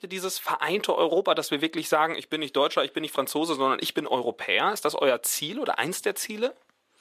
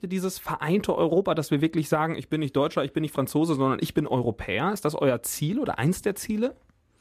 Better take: second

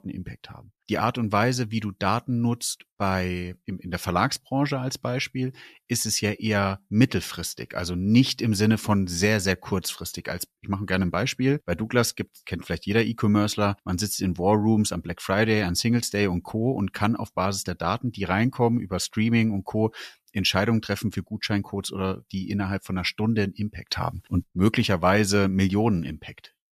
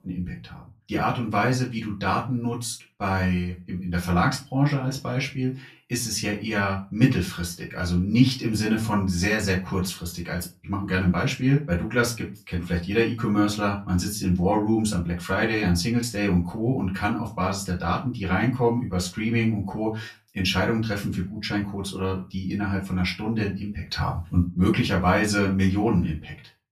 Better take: first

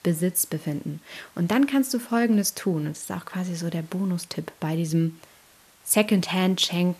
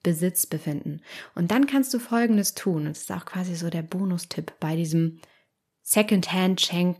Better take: second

